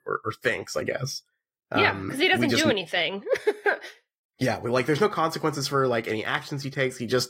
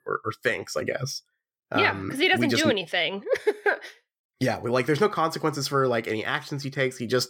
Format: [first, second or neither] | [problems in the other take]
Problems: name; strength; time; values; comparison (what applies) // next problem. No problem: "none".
second | garbled, watery; slightly; nothing above 15.5 kHz